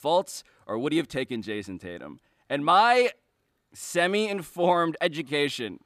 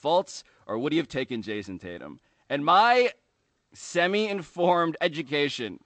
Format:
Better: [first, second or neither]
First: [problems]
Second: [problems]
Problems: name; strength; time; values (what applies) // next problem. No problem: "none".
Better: first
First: none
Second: garbled, watery; slightly; nothing above 8 kHz